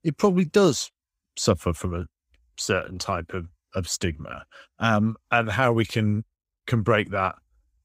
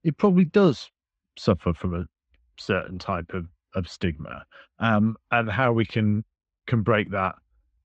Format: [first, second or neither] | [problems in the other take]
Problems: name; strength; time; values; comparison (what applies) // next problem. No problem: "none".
first | muffled; slightly; fading above 3.5 kHz